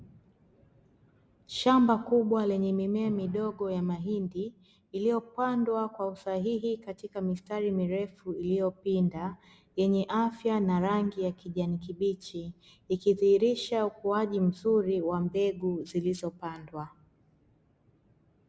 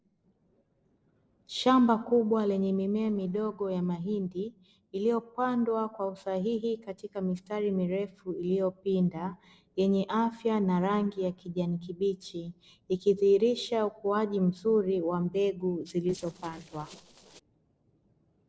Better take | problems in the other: first | noise reduction (neural separator model SepFormer DNS4)

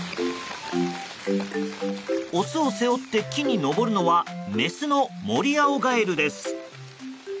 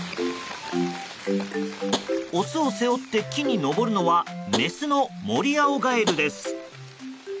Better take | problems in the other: first | background sound (Tap); 10 dB below the speech

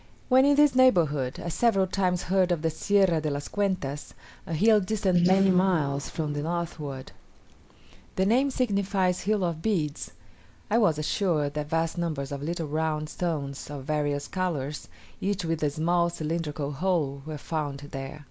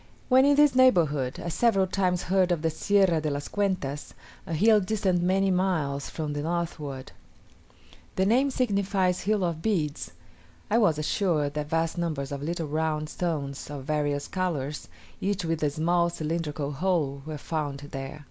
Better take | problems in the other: second | noise reduction (neural mask model Resemble Enhance denoiser)

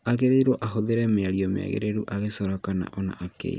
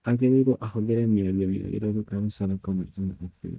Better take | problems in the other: first | noise reduction (neural mask model DeepFilterNet 3)

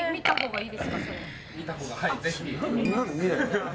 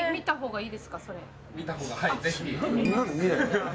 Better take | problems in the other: second | background sound (Burping, eructation); 4 dB below the speech

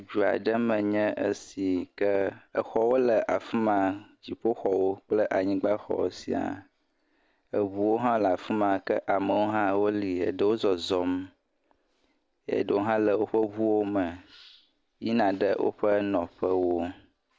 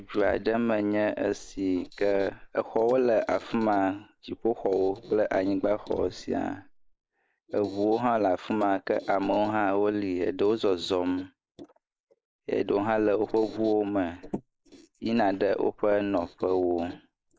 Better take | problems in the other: first | noise reduction (neural mask model Resemble Enhance denoiser)

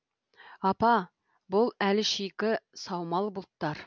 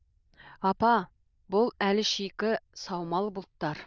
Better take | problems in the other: first | noise reduction (neural diffusion model UNIVERSE++)

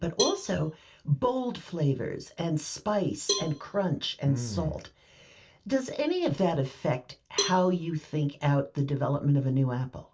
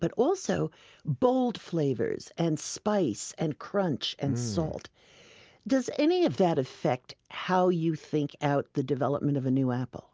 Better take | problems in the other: second | background sound (Cowbell); 9 dB below the speech // room echo; dies away in 0.2 s

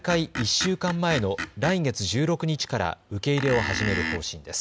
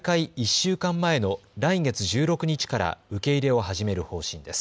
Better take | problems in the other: second | background sound (Screech); 9 dB below the speech

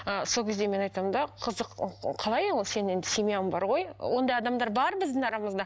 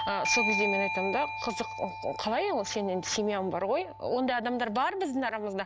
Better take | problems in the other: first | background sound (Bell / Doorbell); 5 dB below the speech

